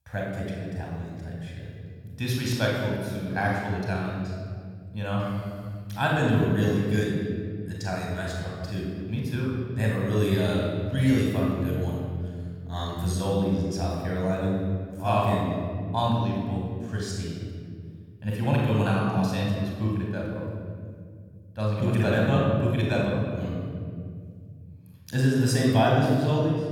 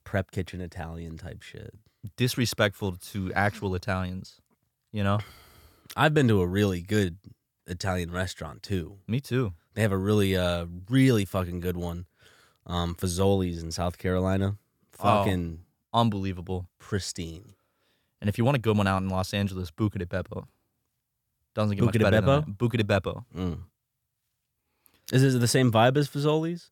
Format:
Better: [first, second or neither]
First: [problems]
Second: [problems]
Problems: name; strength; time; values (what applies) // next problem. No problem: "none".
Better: second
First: room echo; noticeable; dies away in 2.4 s // off-mic speech; far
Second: none